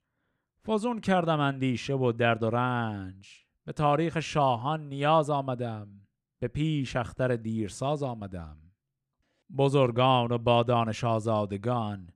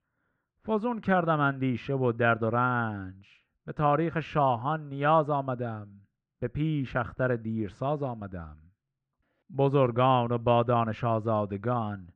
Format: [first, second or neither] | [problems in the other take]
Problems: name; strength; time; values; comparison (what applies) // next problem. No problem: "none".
first | muffled; very; fading above 2 kHz